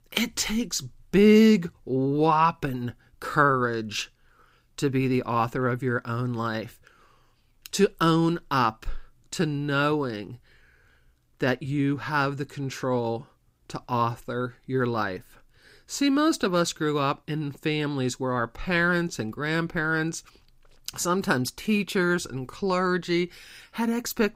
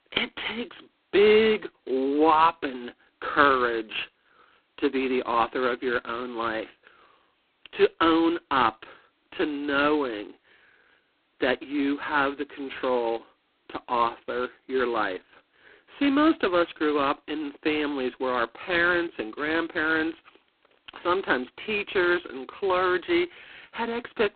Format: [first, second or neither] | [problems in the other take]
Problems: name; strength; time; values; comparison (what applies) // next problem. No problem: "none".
first | phone-call audio; poor line; nothing above 4 kHz